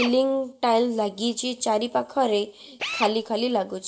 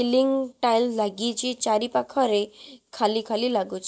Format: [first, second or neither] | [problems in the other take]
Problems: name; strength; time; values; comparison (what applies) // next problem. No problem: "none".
second | background sound (Drill); 14 dB below the speech // room echo; dies away in 0.5 s